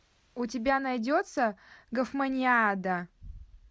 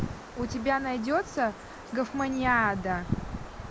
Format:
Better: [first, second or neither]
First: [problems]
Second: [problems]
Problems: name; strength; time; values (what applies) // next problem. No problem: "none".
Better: first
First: none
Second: background sound (Wind); 8 dB below the speech